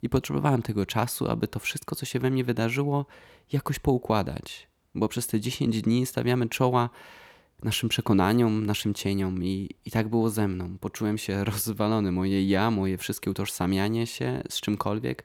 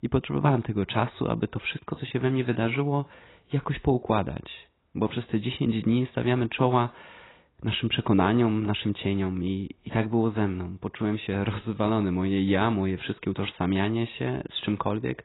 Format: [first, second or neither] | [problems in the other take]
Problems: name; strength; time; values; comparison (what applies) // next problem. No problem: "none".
first | garbled, watery; badly; nothing above 4 kHz